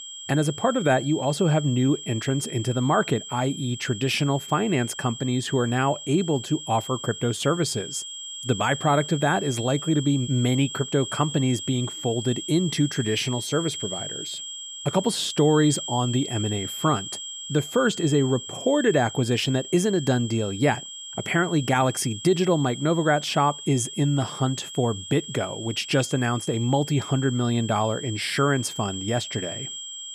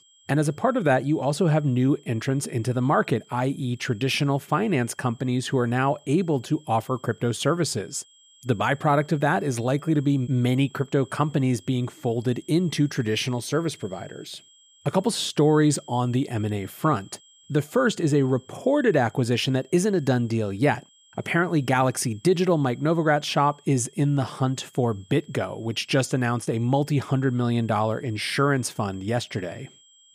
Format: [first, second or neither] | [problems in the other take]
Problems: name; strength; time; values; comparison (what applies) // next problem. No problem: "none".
second | high-pitched whine; loud; throughout; 3 kHz, 9 dB below the speech; faint in the second